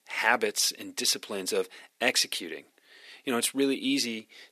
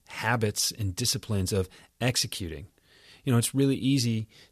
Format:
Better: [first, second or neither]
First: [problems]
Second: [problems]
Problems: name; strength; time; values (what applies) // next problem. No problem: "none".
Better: second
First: thin; somewhat; fading below 250 Hz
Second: none